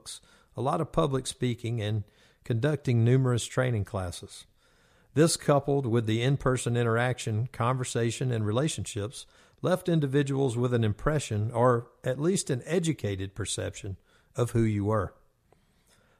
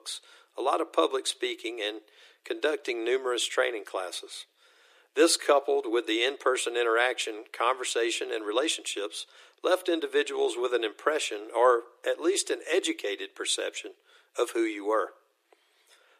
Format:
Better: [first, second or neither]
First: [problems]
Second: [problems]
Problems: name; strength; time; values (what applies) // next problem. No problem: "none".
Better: first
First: none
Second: thin; very; fading below 350 Hz